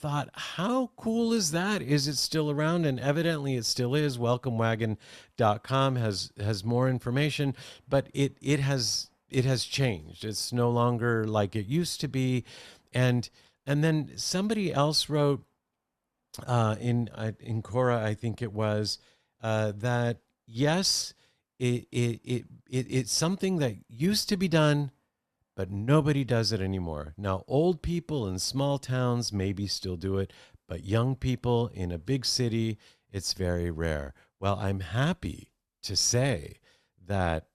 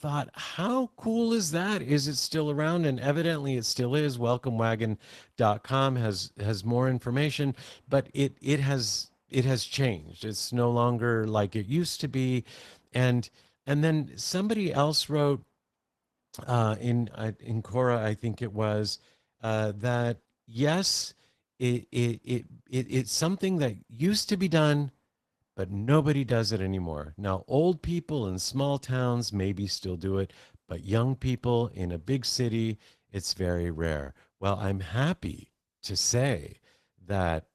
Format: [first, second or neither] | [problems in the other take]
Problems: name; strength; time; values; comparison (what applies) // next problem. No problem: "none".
first | garbled, watery; slightly; nothing above 14 kHz